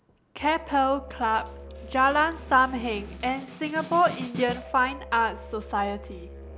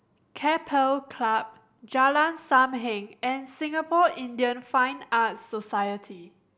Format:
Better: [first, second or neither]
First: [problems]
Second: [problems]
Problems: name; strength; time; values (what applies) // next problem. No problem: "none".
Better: second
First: background sound (Musical instrument + Snare drum); 14 dB below the speech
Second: none